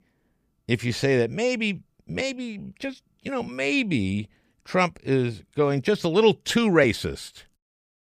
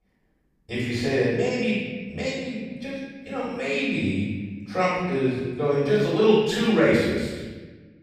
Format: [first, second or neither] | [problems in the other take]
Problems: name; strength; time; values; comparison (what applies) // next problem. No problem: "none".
first | off-mic speech; far // room echo; strong; dies away in 1.3 s